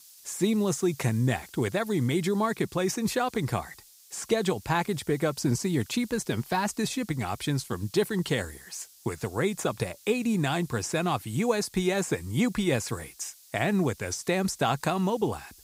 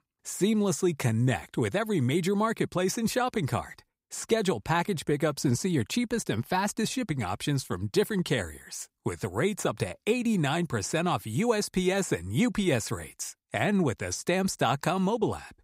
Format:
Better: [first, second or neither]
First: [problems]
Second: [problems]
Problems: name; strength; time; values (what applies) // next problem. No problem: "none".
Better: second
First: hiss; faint; throughout; 20 dB below the speech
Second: none